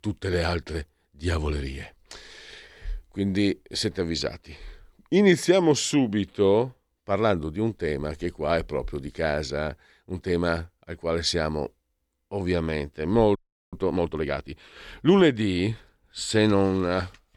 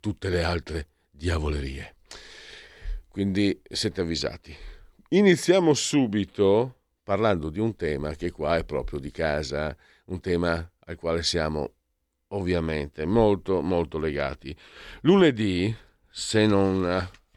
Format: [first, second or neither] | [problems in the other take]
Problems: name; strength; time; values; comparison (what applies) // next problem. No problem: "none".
second | audio freezing; at 13 s